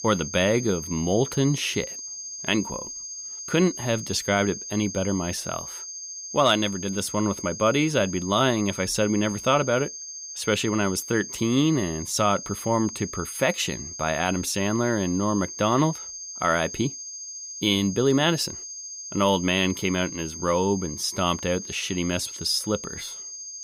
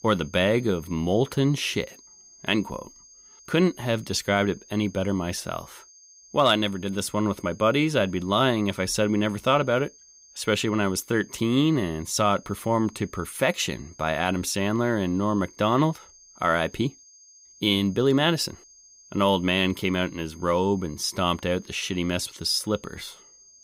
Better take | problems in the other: second | high-pitched whine; loud; throughout; 6.5 kHz, 9 dB below the speech; faint in the second

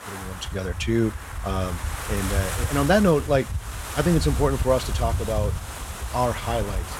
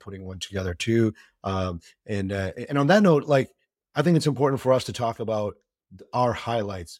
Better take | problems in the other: second | wind noise on the microphone; heavy; 8 dB below the speech

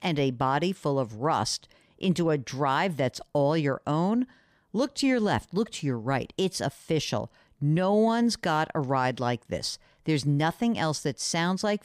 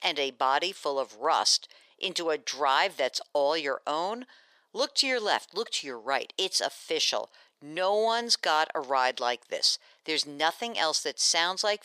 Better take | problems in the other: first | thin; very; fading below 500 Hz

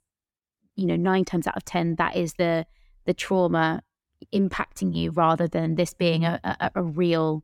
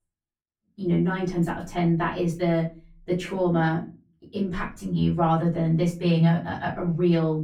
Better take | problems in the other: first | off-mic speech; far // room echo; slight; dies away in 0.3 s

